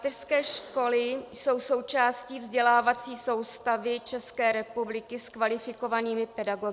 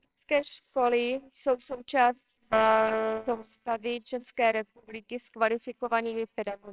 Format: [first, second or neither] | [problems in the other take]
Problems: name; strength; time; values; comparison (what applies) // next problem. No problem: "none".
first | noise reduction (neural separator model SepFormer WHAMR!)